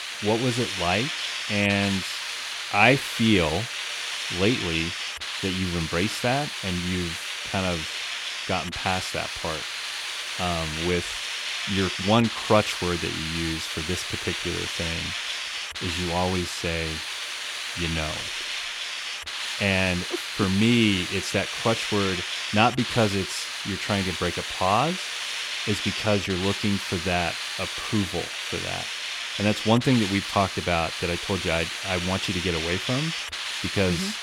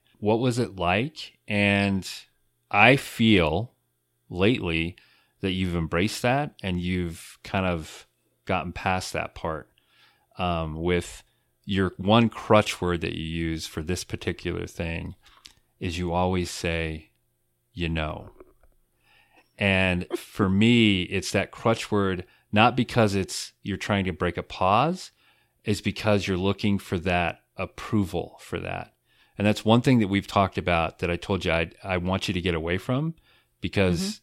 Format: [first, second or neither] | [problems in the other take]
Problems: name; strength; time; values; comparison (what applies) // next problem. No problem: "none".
second | hiss; loud; throughout; 3 dB below the speech